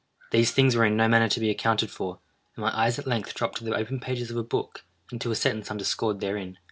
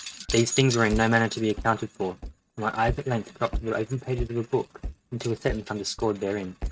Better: first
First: none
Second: noise reduction (neural mask model RNNoise)

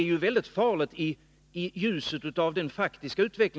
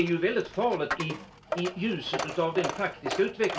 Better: first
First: none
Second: background sound (Coin (dropping)); 7 dB below the speech // room echo; dies away in 0.3 s

